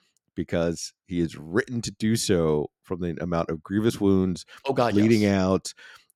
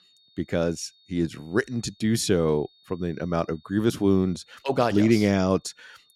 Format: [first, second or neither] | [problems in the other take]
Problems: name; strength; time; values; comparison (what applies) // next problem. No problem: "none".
first | high-pitched whine; faint; throughout; 3.5 kHz, 30 dB below the speech